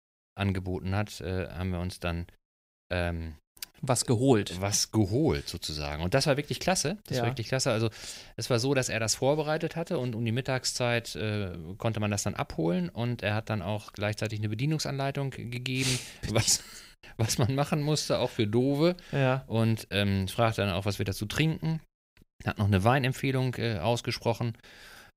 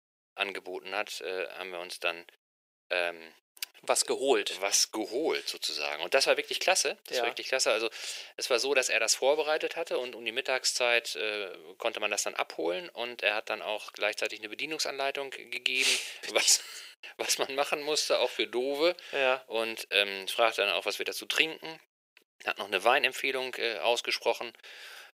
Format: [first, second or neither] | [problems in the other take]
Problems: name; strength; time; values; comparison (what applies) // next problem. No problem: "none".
first | thin; very; fading below 400 Hz